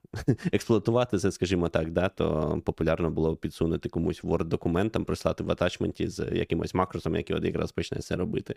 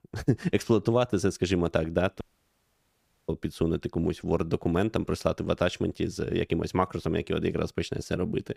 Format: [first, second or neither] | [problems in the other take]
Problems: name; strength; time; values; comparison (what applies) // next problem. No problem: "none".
first | audio cutting out; at 2 s for 1 s